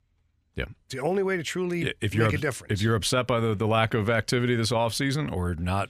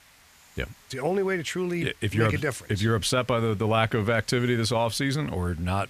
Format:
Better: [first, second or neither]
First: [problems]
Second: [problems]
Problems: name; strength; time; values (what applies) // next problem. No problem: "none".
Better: first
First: none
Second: hiss; faint; throughout; 25 dB below the speech